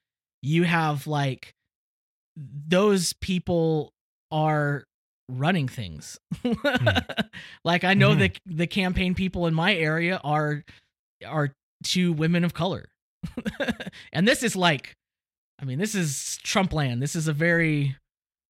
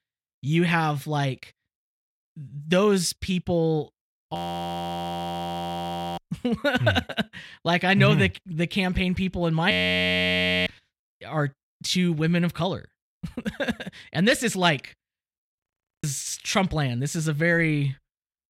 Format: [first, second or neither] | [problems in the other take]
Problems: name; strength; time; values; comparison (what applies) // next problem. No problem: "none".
first | audio freezing; at 4.5 s for 2 s, at 9.5 s for 1 s and at 16 s